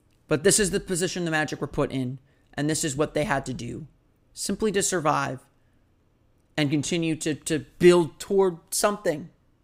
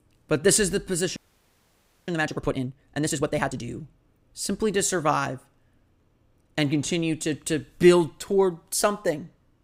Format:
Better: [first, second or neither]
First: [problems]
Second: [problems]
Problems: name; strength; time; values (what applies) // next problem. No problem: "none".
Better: first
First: none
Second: audio freezing; at 1 s for 1 s